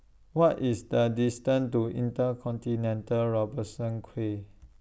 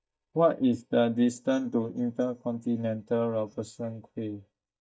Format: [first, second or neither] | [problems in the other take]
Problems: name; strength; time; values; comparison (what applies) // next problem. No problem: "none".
first | noise reduction (neural mask model DeepFilterNet 3)